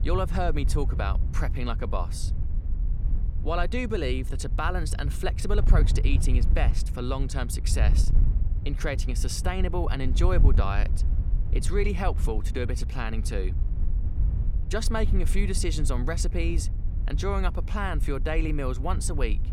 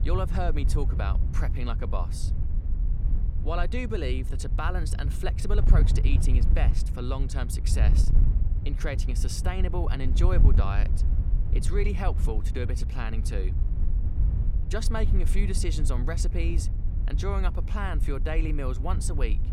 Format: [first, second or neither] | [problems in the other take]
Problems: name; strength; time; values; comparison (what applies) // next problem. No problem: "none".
first | wind noise on the microphone; heavy; 9 dB below the speech; occasional gusts in the first